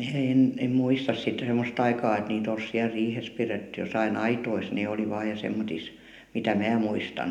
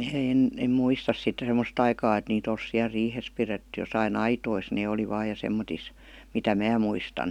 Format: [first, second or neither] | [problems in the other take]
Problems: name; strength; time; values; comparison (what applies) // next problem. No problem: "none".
second | room echo; dies away in 0.7 s